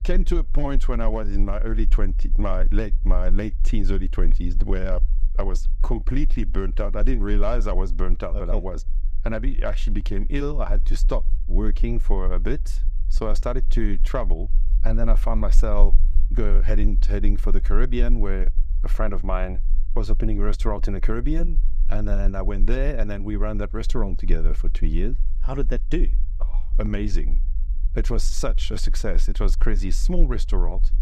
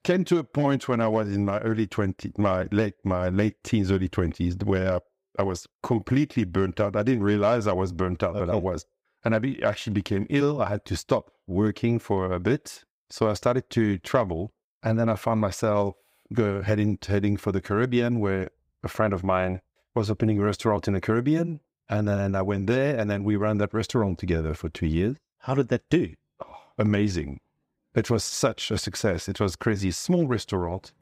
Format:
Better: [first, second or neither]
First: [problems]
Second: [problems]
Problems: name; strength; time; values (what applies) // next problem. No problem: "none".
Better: second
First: low rumble; faint; throughout; 20 dB below the speech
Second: none